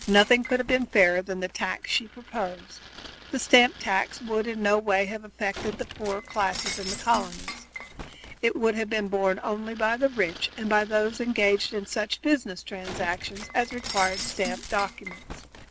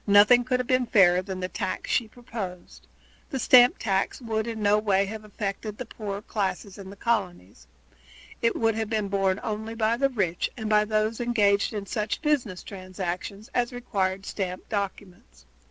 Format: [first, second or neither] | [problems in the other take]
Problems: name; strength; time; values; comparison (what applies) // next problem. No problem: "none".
second | background sound (Shatter); 14 dB below the speech